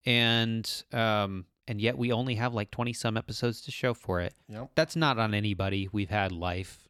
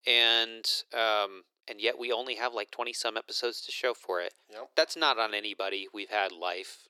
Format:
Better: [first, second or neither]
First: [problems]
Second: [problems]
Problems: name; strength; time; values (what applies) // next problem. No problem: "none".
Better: first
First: none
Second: thin; very; fading below 350 Hz